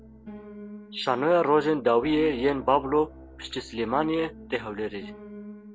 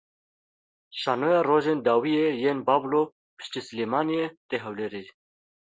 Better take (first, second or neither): second